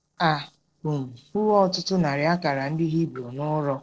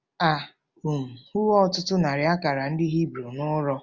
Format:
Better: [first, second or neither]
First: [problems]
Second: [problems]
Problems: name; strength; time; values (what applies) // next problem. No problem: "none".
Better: second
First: noise reduction (neural separator model SepFormer DNS4)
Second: none